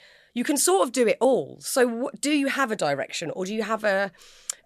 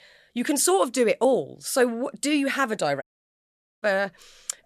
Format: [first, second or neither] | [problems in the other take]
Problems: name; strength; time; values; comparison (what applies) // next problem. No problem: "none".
first | audio cutting out; at 3 s for 1 s